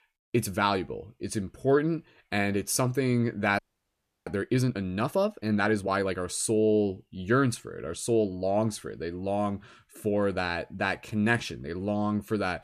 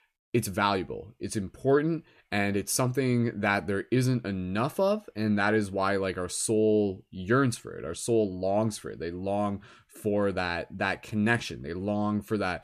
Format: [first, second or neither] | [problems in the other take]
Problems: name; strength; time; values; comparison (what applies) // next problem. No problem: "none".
second | audio freezing; at 3.5 s for 0.5 s